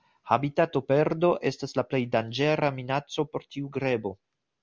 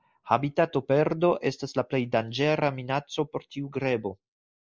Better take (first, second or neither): first